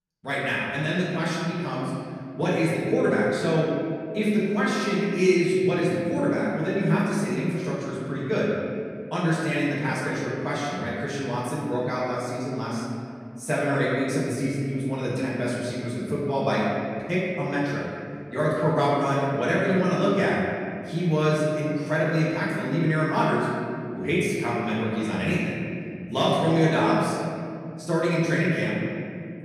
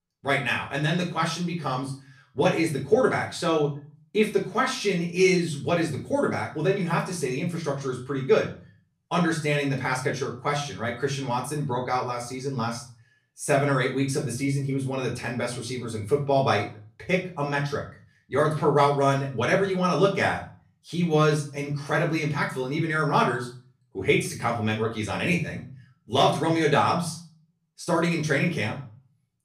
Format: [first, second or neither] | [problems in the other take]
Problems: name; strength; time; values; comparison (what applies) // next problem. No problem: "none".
second | room echo; strong; dies away in 2.4 s; slight in the second // off-mic speech; far; far in the second